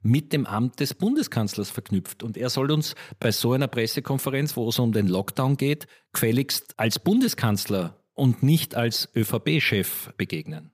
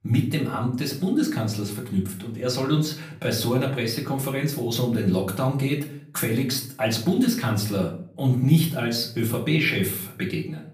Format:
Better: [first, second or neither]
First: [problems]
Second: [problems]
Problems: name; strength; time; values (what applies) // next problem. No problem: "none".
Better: first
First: none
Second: off-mic speech; far // room echo; slight; dies away in 0.4 s